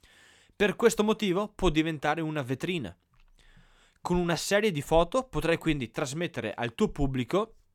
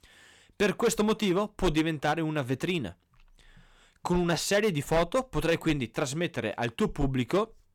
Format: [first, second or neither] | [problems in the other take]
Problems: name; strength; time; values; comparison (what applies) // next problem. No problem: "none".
first | distortion; slight; 5% of the sound clipped